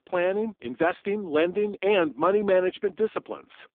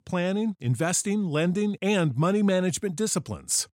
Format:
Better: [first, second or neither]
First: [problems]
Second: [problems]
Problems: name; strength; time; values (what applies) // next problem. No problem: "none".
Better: second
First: phone-call audio; poor line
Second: none